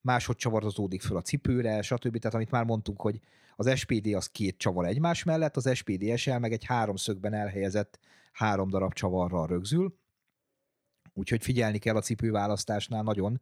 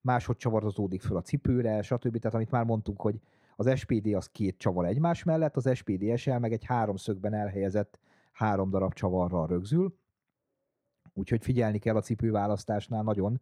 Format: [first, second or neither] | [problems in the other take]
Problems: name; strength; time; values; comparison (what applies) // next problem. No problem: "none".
first | muffled; slightly; fading above 1.5 kHz